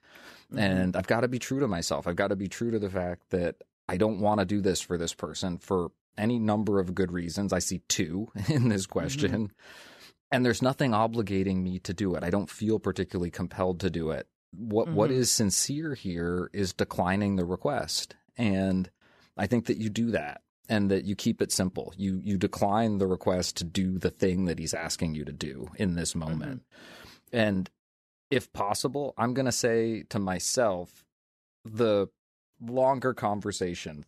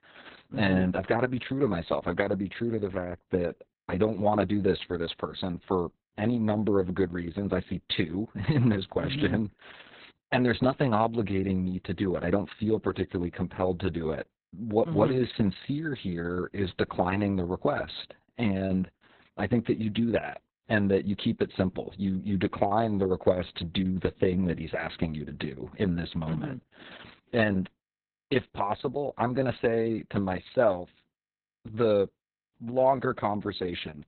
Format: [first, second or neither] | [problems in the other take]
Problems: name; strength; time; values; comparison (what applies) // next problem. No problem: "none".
first | garbled, watery; badly; nothing above 4 kHz